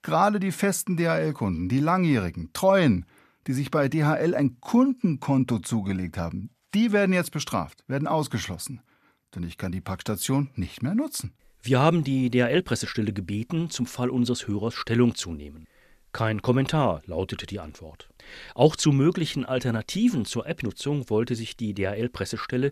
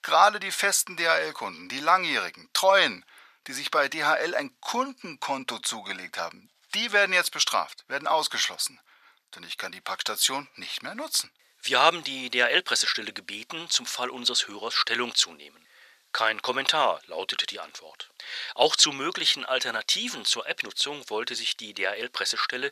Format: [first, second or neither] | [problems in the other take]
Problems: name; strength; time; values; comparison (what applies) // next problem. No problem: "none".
first | thin; very; fading below 800 Hz